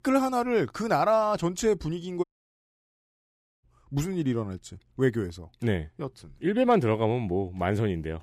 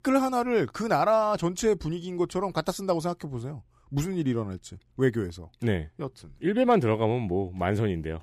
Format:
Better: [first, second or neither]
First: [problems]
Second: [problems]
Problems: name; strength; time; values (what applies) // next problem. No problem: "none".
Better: second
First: audio cutting out; at 2 s for 1.5 s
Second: none